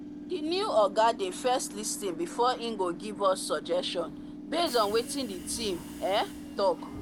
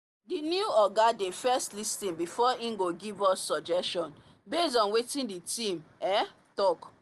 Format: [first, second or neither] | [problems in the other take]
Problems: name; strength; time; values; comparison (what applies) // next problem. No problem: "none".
second | background sound (Subway, metro, underground / Train); 12 dB below the speech